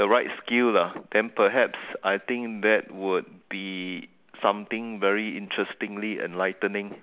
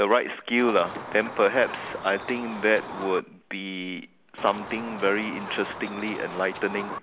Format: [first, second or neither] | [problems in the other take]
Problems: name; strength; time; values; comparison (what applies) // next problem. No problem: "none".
first | background sound (Chicken, rooster); 10 dB below the speech